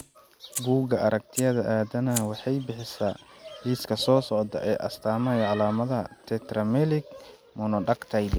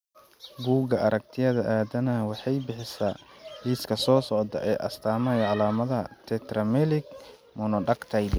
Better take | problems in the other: second | background sound (Fire); 18 dB below the speech

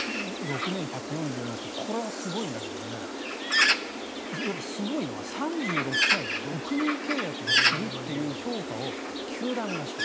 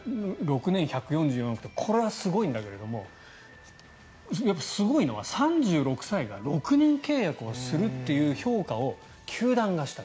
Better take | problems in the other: second | background sound (Bird); 4 dB above the speech

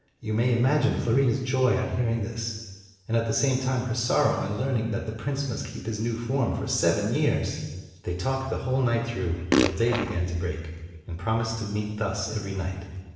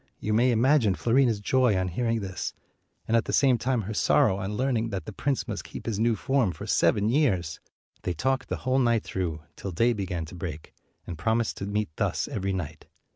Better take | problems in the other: second | background sound (Fart); as loud as the speech // room echo; dies away in 1.3 s

